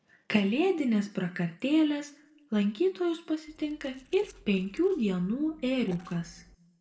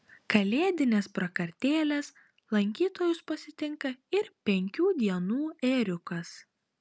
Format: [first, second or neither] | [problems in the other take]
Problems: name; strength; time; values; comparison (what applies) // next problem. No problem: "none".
second | noise reduction (neural separator model SepFormer DNS4)